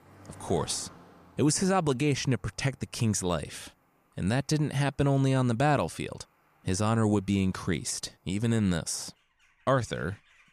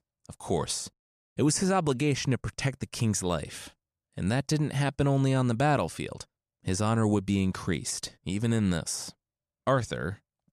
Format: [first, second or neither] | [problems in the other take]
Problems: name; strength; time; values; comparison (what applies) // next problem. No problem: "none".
second | animal sounds; faint; throughout; 30 dB below the speech